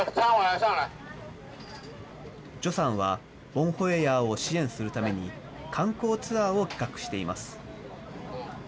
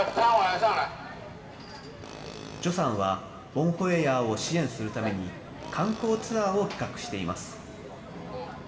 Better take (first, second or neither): first